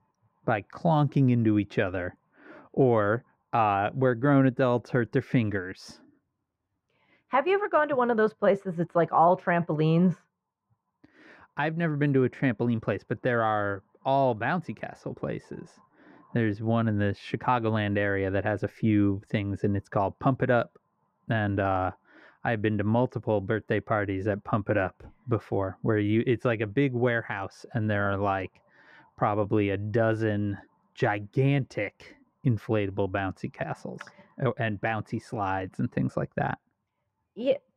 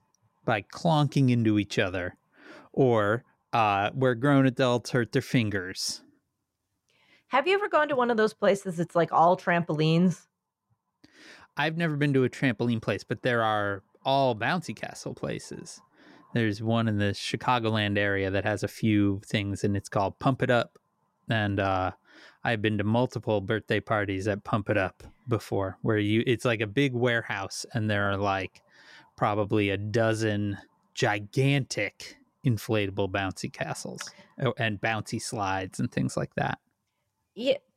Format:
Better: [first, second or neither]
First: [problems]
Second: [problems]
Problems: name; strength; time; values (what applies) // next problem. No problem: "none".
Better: second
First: muffled; very; fading above 3.5 kHz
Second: none